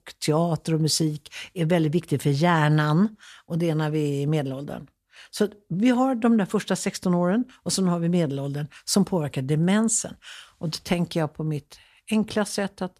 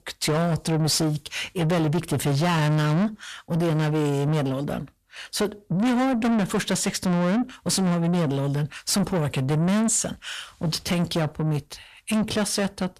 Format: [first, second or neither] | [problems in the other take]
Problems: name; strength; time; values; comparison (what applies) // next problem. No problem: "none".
first | distortion; heavy; 7 dB below the speech